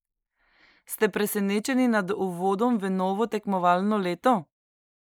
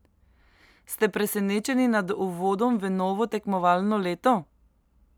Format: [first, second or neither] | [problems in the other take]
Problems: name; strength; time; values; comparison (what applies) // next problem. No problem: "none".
second | noise reduction (neural mask model Resemble Enhance denoiser)